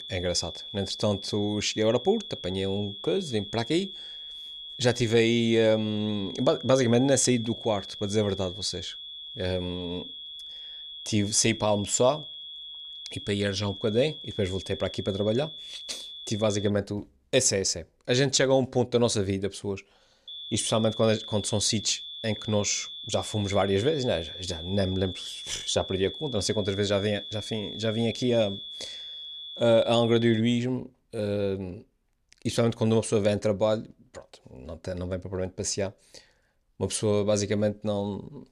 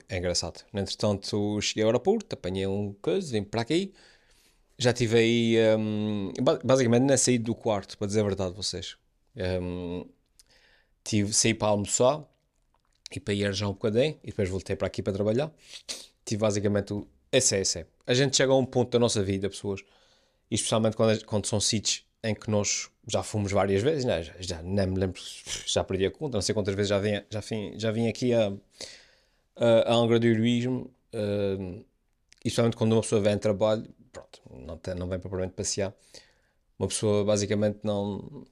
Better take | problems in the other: second | high-pitched whine; noticeable; until 17 s and from 20 to 30 s; 3.5 kHz, 10 dB below the speech

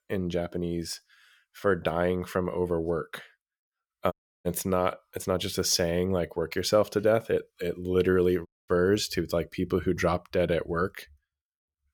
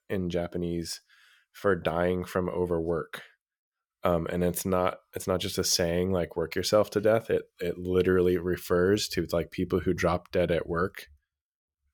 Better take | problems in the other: second | audio cutting out; at 4 s and at 8.5 s

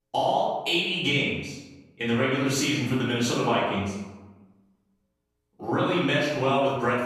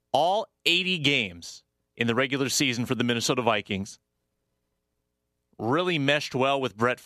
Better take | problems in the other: second | room echo; noticeable; dies away in 1 s // off-mic speech; far

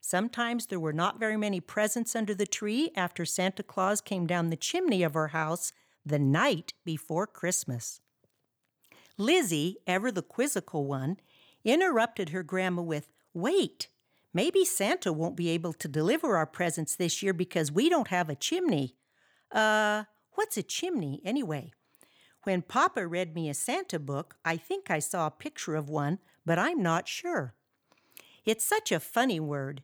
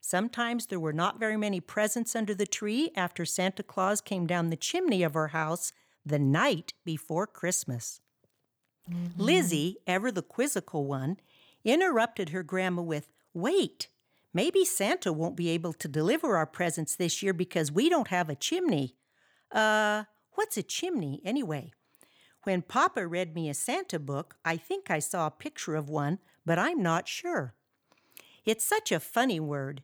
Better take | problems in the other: first | phone ringing; noticeable; at 9 s; peak 4 dB below the speech

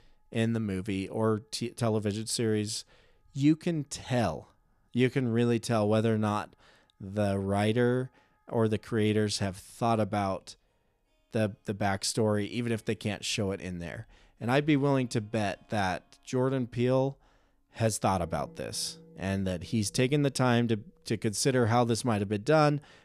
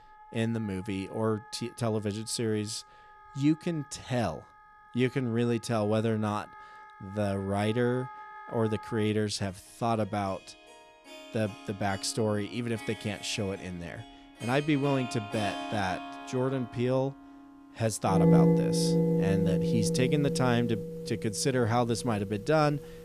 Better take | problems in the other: first | background music; loud; throughout; as loud as the speech; faint in the first

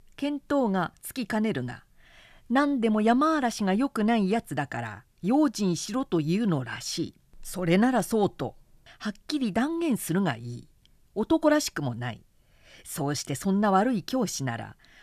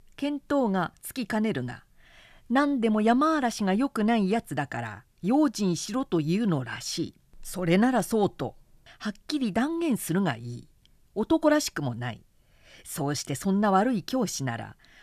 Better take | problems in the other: neither | none

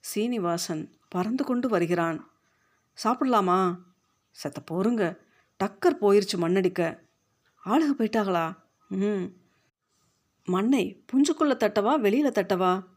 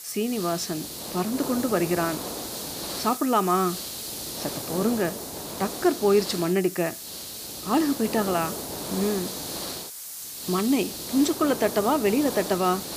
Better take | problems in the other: first | hiss; loud; throughout; 7 dB below the speech

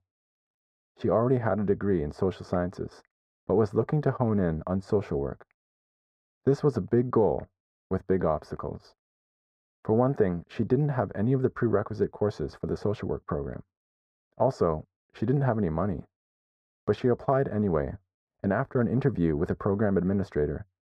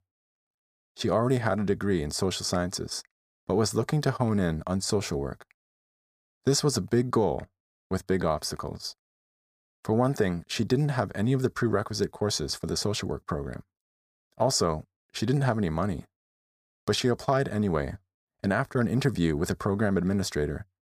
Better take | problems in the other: second | muffled; very; fading above 3 kHz

